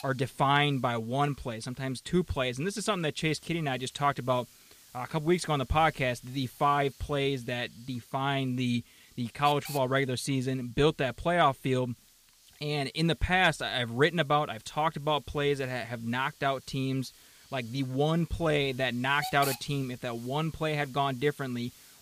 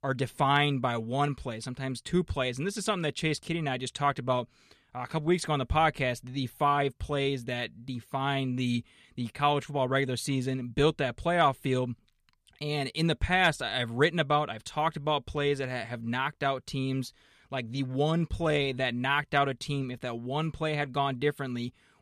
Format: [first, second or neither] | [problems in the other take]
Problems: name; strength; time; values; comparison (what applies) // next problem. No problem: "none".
second | hiss; noticeable; throughout; 20 dB below the speech